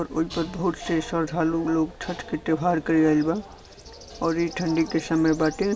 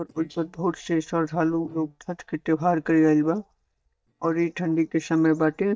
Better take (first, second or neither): first